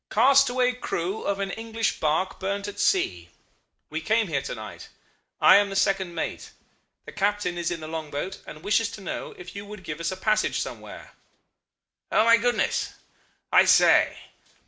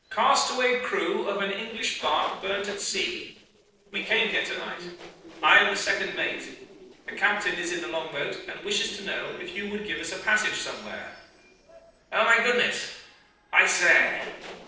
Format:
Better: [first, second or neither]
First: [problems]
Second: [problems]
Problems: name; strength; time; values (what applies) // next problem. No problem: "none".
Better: first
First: none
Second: noise reduction (neural separator model SepFormer DNS4)